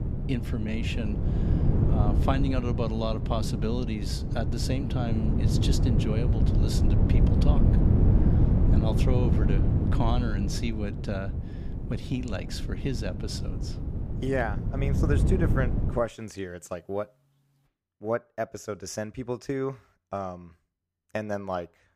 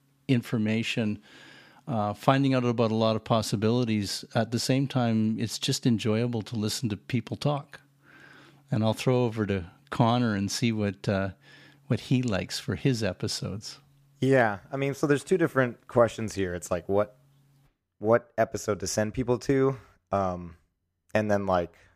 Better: second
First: wind noise on the microphone; heavy; until 16 s; 3 dB below the speech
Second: none

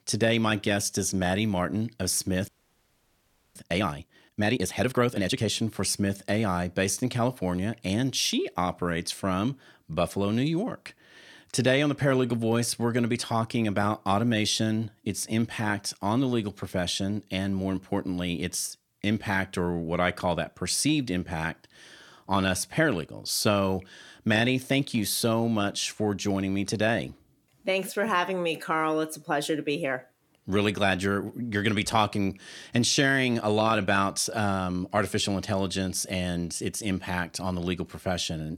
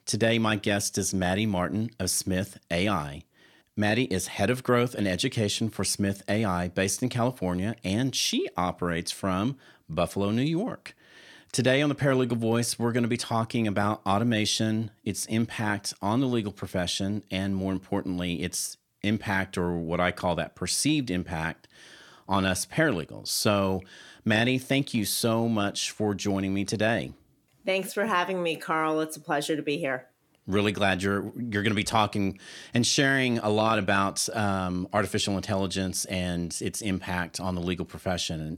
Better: second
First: audio freezing; at 2.5 s for 1 s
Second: none

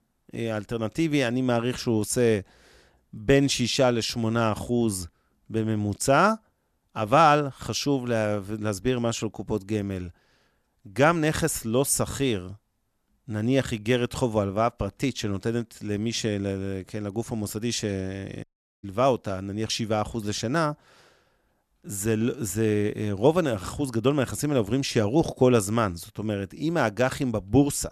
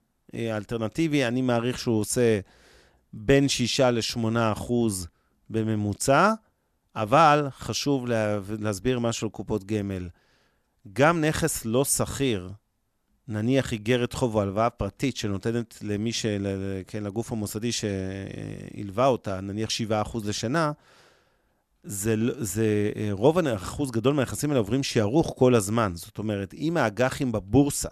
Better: second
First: audio cutting out; at 18 s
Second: none

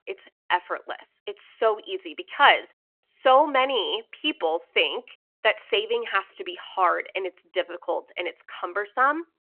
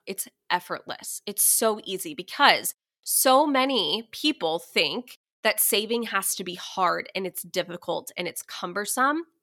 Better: second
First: phone-call audio; nothing above 3 kHz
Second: none

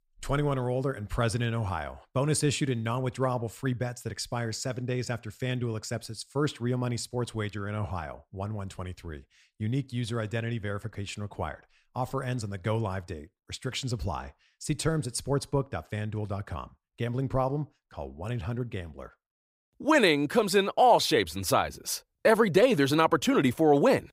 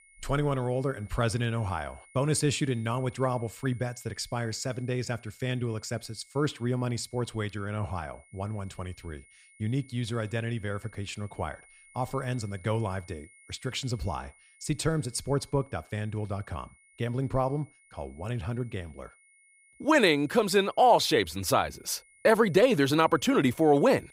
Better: first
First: none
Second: high-pitched whine; faint; throughout; 2 kHz, 30 dB below the speech

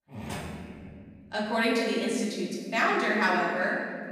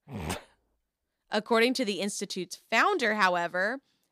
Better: second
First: off-mic speech; far // room echo; noticeable; dies away in 2.4 s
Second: none

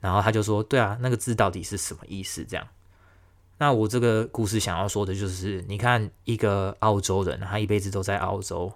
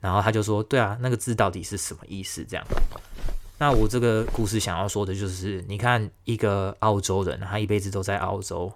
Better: first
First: none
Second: footsteps; noticeable; from 2.5 to 4.5 s; peak 6 dB below the speech

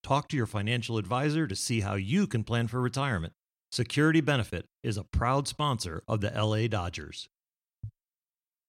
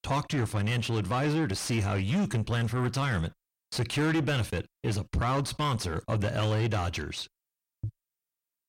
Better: first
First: none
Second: distortion; heavy; 7 dB below the speech

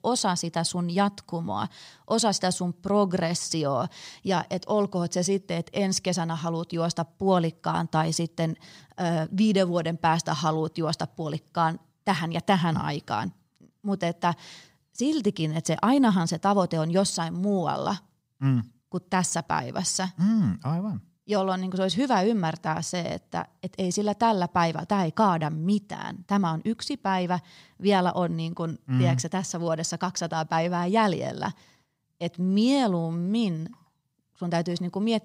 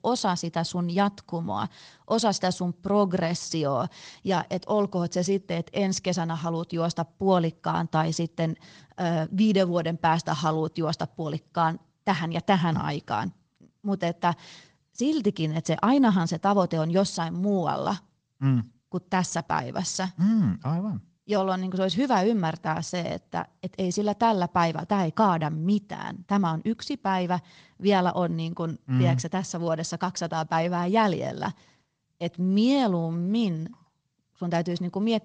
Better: first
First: none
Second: garbled, watery; slightly; nothing above 8 kHz

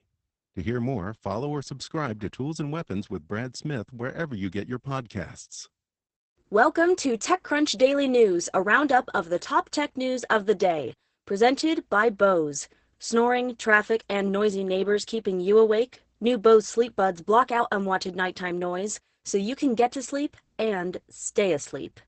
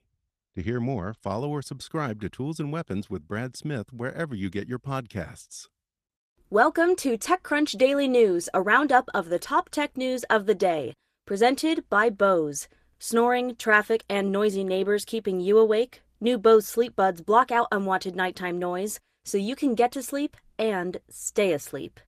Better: second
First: garbled, watery; badly; nothing above 8 kHz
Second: garbled, watery; slightly; nothing above 14.5 kHz

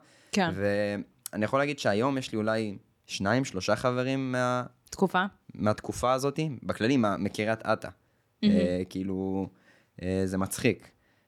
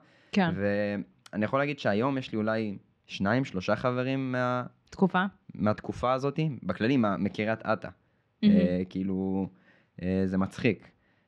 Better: first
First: none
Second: muffled; very slightly; fading above 3 kHz

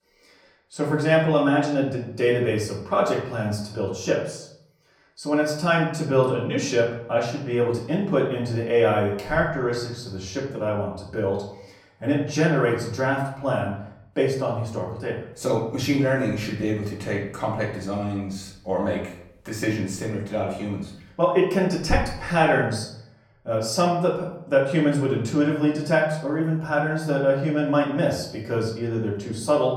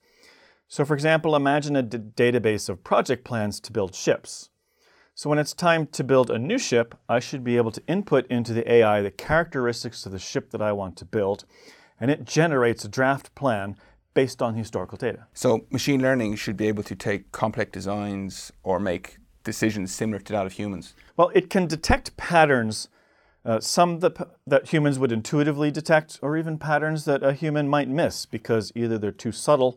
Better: second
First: off-mic speech; far // room echo; slight; dies away in 0.6 s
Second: none

